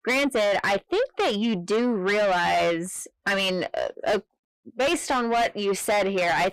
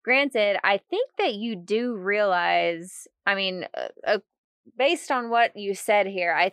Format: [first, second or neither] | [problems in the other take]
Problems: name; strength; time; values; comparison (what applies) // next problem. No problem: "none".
second | distortion; heavy; 6 dB below the speech